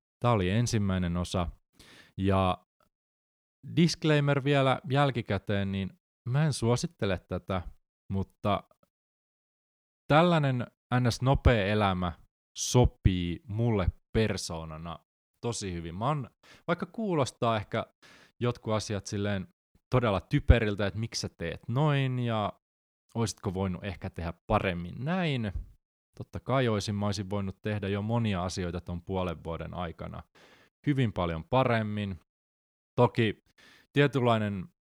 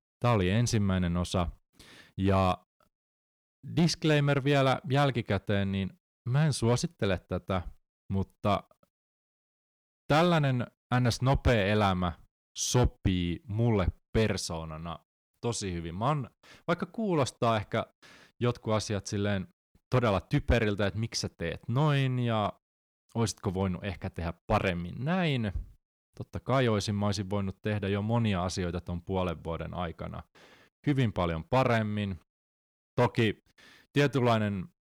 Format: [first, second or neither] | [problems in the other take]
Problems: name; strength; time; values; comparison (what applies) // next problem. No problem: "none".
first | distortion; slight; 3% of the sound clipped